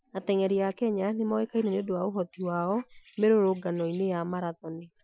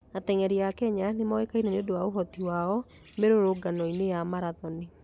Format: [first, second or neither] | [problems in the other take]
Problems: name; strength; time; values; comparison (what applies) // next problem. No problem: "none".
second | noise reduction (classical method Wiener filter)